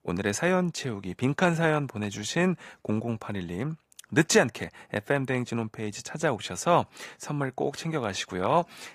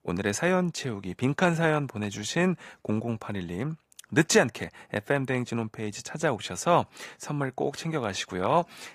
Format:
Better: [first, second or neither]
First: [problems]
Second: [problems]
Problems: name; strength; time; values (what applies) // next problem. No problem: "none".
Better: neither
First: garbled, watery; slightly; nothing above 15 kHz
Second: garbled, watery; slightly; nothing above 15 kHz